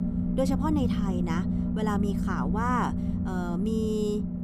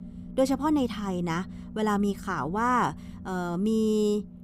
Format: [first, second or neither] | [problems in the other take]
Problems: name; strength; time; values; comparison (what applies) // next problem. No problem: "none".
second | low rumble; loud; throughout; 5 dB below the speech; faint in the second